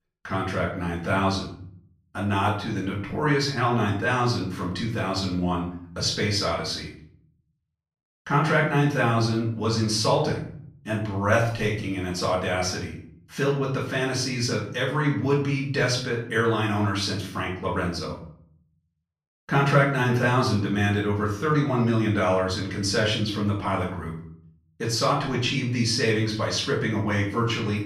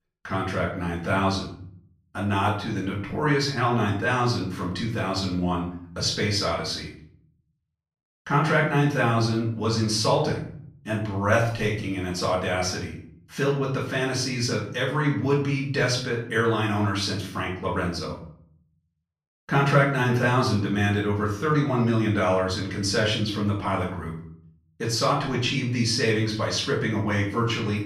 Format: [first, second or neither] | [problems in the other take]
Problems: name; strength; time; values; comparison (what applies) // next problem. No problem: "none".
neither | off-mic speech; far; the same in both // room echo; noticeable; dies away in 0.6 s; the same in both